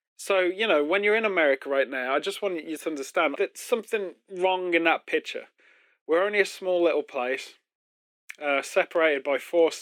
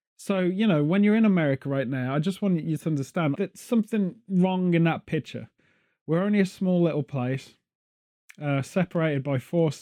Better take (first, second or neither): second